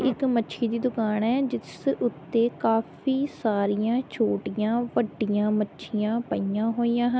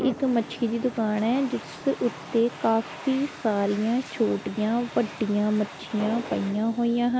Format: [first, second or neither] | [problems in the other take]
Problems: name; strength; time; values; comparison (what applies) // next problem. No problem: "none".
first | background sound (Drum + Domestic sounds, home sounds); 15 dB below the speech